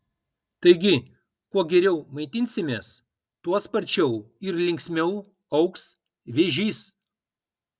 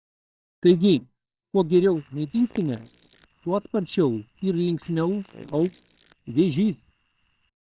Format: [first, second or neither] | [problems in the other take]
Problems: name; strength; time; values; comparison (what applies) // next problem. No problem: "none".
first | noise reduction (neural separator model SepFormer WHAMR!)